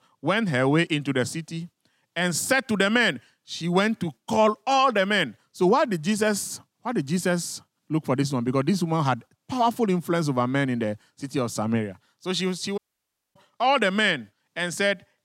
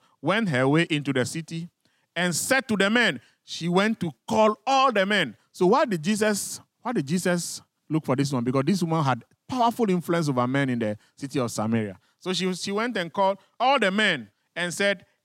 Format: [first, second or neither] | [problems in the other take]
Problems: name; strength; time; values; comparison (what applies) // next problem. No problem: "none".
second | audio cutting out; at 13 s for 0.5 s